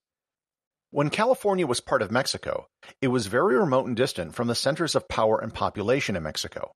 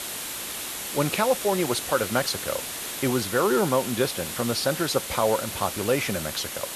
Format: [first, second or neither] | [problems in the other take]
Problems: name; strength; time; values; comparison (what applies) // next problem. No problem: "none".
first | hiss; loud; throughout; 5 dB below the speech